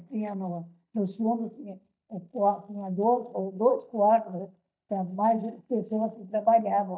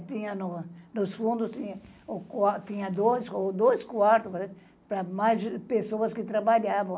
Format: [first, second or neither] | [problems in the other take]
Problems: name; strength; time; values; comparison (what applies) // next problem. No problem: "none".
second | noise reduction (neural mask model DeepFilterNet 3)